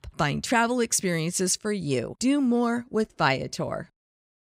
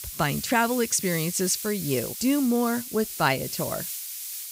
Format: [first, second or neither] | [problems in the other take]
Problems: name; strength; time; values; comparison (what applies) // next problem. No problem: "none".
first | hiss; loud; throughout; 7 dB below the speech